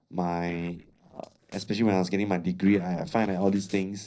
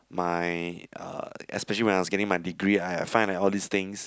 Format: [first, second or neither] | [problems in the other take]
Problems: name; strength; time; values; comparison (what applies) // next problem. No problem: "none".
second | noise reduction (neural separator model SepFormer DNS4)